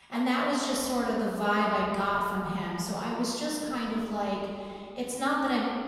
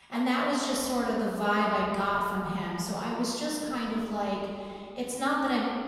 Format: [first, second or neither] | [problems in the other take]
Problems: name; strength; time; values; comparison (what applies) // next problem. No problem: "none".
neither | room echo; noticeable; dies away in 2.1 s; the same in both // off-mic speech; far; the same in both